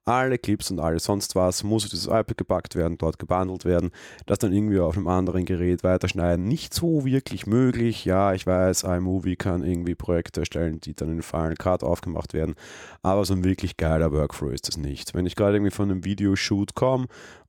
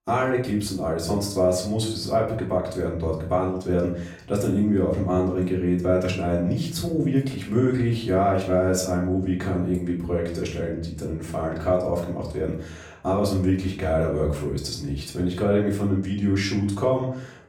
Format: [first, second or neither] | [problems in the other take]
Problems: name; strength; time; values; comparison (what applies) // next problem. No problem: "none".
first | off-mic speech; far // room echo; slight; dies away in 0.5 s